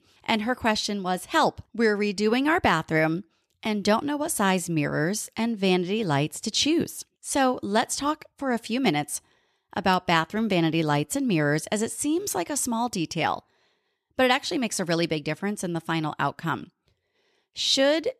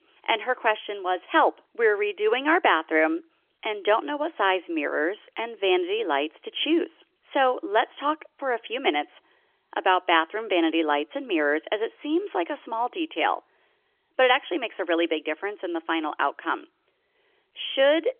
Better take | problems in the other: first | phone-call audio; nothing above 3.5 kHz

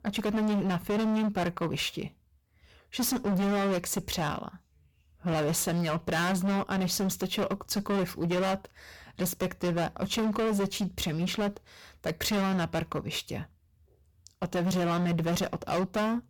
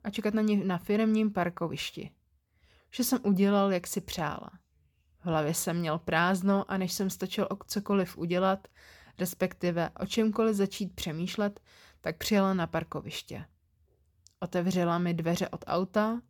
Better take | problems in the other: second | distortion; heavy; 21% of the sound clipped

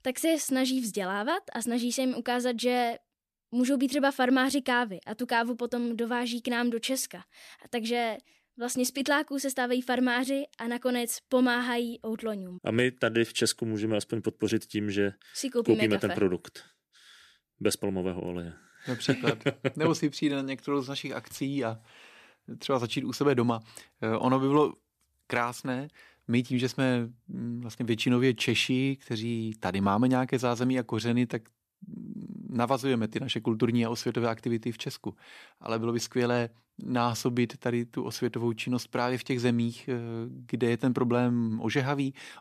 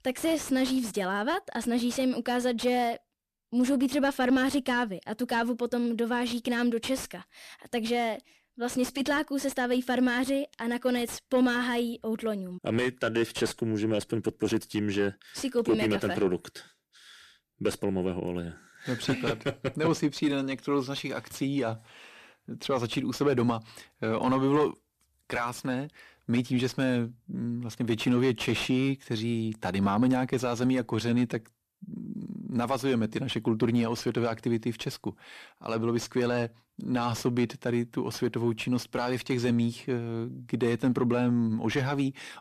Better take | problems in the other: first | distortion; slight; 10 dB below the speech

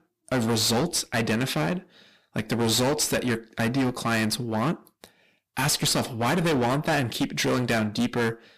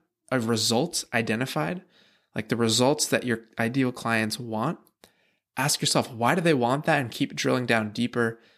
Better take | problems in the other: second | distortion; heavy; 18% of the sound clipped

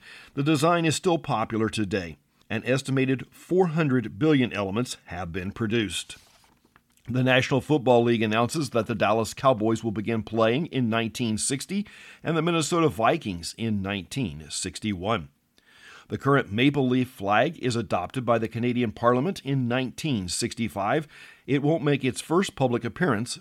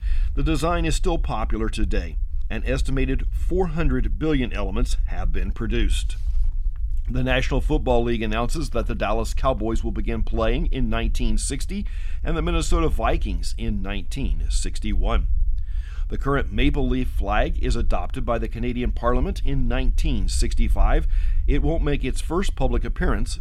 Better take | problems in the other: first | low rumble; faint; throughout; 25 dB below the speech

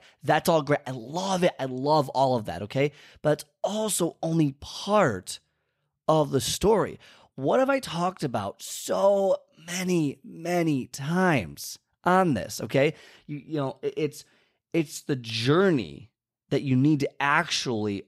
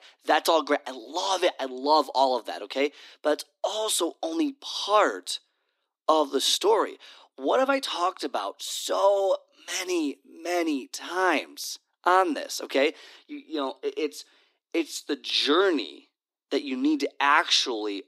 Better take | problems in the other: first | thin; very slightly; fading below 250 Hz

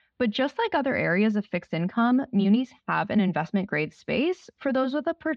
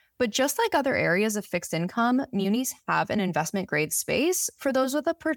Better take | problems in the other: second | muffled; very; fading above 4 kHz

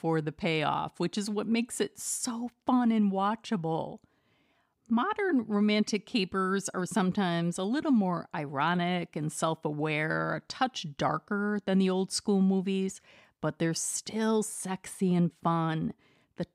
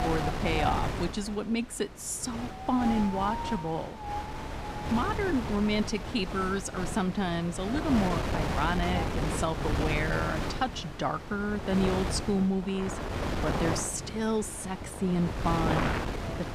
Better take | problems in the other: first | wind noise on the microphone; heavy; 2 dB below the speech

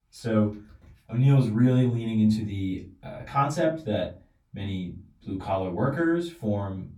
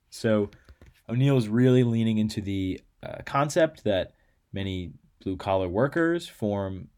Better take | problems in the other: second | off-mic speech; far // room echo; slight; dies away in 0.3 s

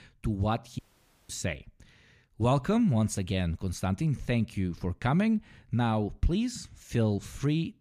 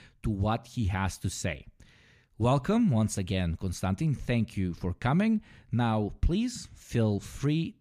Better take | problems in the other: second | audio cutting out; at 1 s for 0.5 s

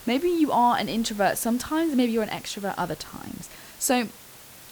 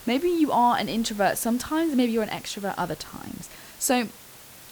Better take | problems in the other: neither | hiss; noticeable; throughout; 20 dB below the speech; the same in both

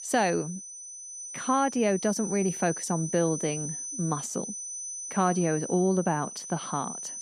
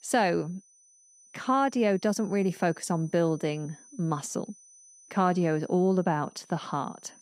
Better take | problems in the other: second | high-pitched whine; loud; throughout; 6 kHz, 7 dB below the speech; faint in the second

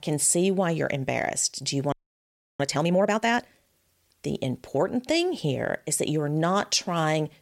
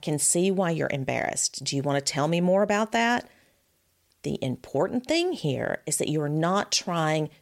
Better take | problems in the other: second | audio freezing; at 2 s for 0.5 s

